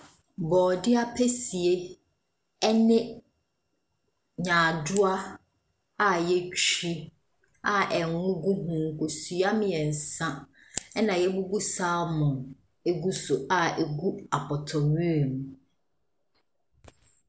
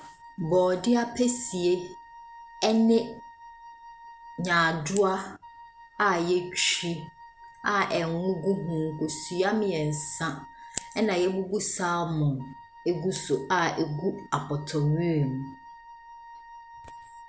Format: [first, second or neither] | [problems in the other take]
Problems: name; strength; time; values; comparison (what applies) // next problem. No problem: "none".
first | background sound (Wind instrument, woodwind instrument); 20 dB below the speech